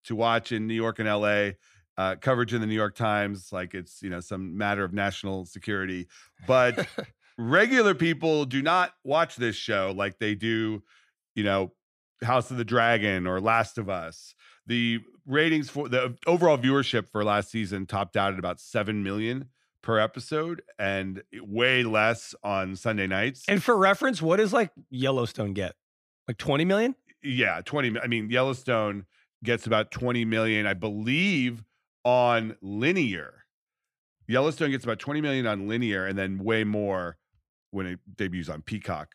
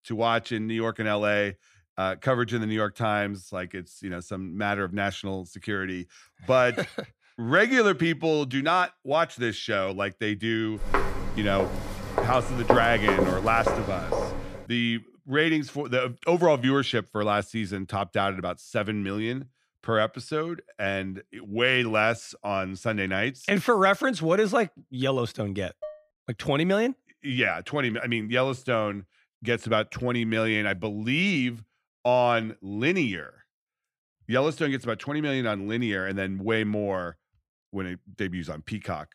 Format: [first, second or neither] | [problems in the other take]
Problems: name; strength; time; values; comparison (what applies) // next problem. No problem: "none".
first | footsteps; loud; from 11 to 14 s; peak 2 dB above the speech // clattering dishes; faint; at 26 s; peak 15 dB below the speech